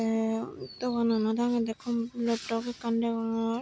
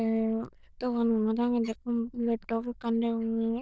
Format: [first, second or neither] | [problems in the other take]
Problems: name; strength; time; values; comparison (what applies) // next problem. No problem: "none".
first | noise reduction (neural diffusion model UNIVERSE++)